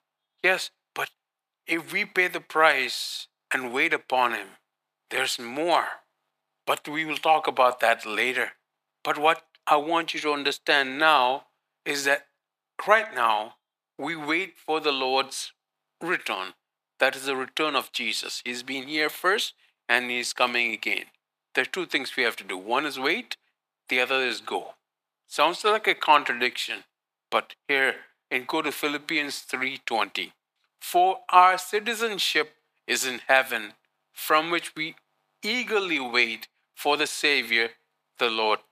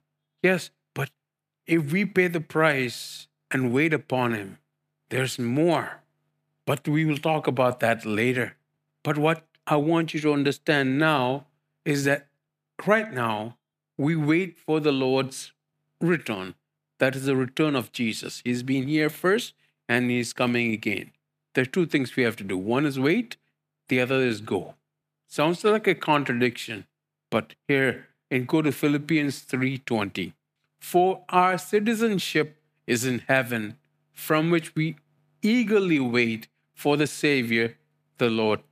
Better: second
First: thin; very; fading below 550 Hz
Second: none

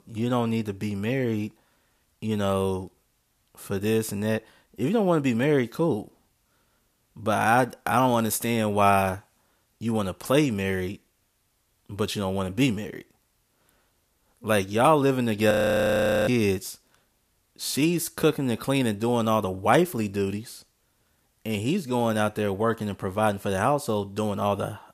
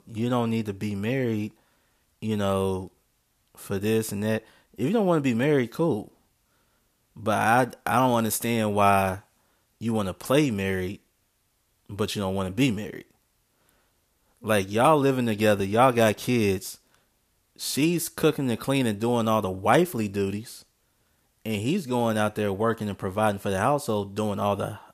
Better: second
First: audio freezing; at 16 s for 1 s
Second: none

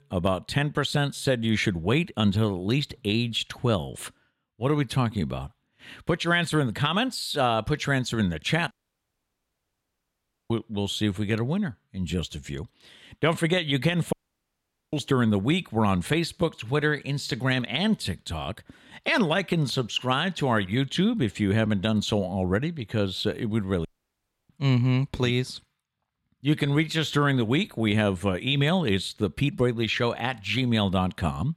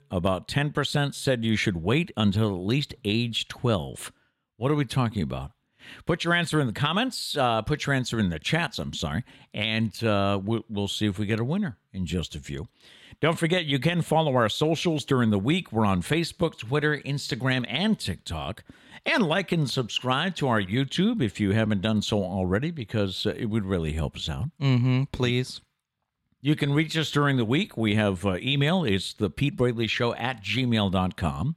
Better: second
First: audio cutting out; at 8.5 s for 2 s, at 14 s for 1 s and at 24 s for 0.5 s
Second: none

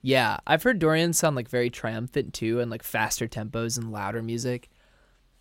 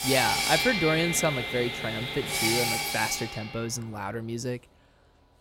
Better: first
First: none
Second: machinery noise; very loud; throughout; 2 dB above the speech

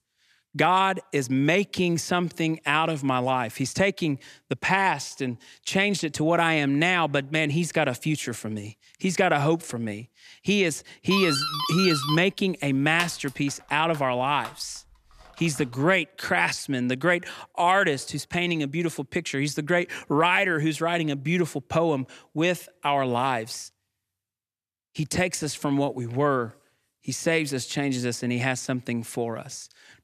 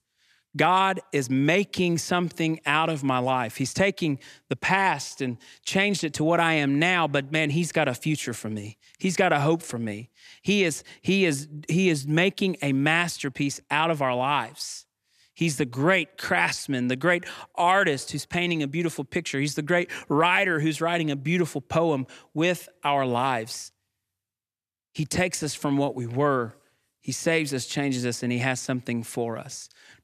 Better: second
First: doorbell; noticeable; from 11 to 16 s; peak 1 dB below the speech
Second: none

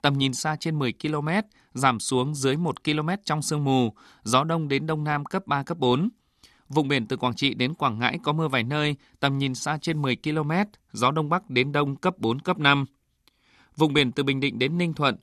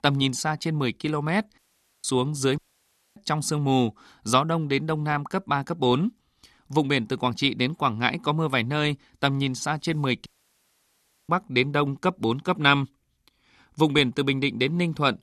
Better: first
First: none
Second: audio cutting out; at 1.5 s, at 2.5 s for 0.5 s and at 10 s for 1 s

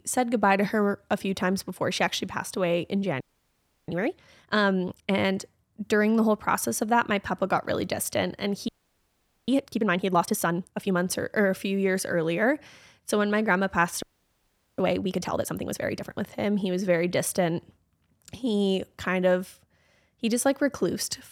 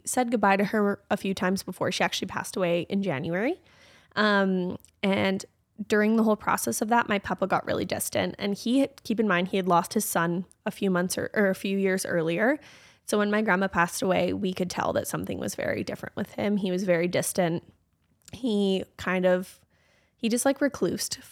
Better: second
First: audio freezing; at 3 s for 0.5 s, at 8.5 s for 1 s and at 14 s for 1 s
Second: none

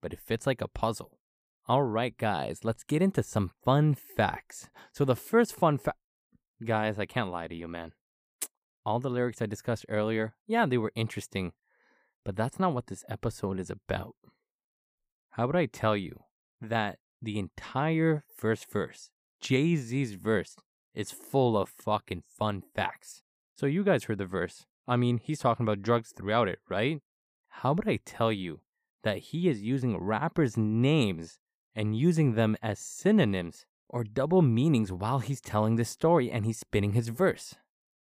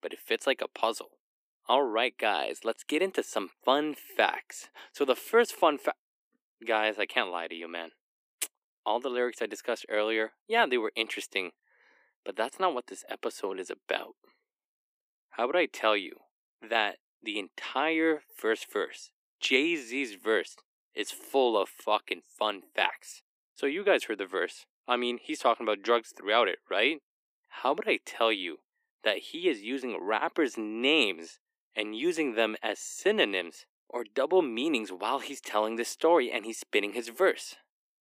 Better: first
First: none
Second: thin; somewhat; fading below 300 Hz

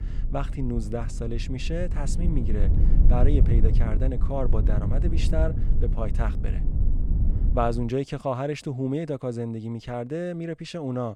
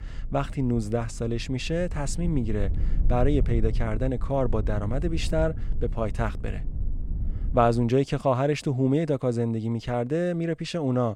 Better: second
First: low rumble; loud; until 8 s; 10 dB below the speech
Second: low rumble; faint; until 8 s; 20 dB below the speech

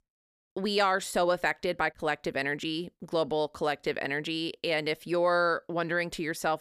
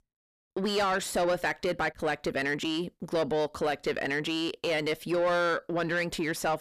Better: first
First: none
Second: distortion; slight; 10 dB below the speech

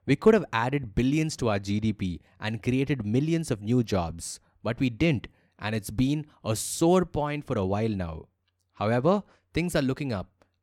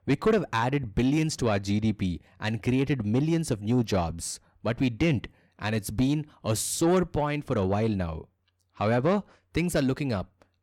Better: first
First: none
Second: distortion; slight; 10 dB below the speech

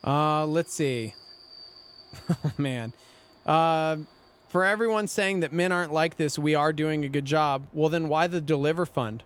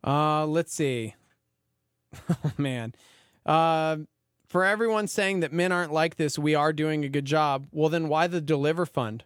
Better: second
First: train or aircraft noise; faint; throughout; 25 dB below the speech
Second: none

